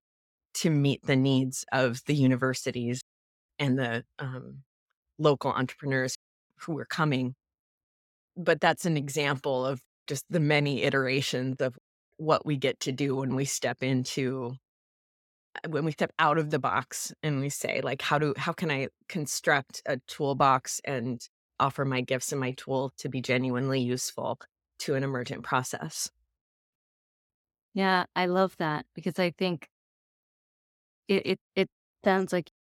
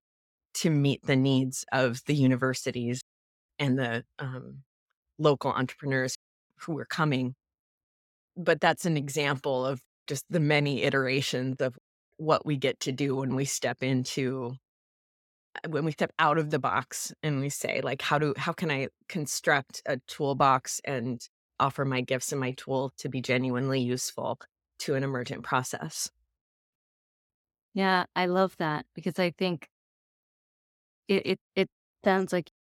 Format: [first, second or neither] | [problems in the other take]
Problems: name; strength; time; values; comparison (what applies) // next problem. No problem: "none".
neither | none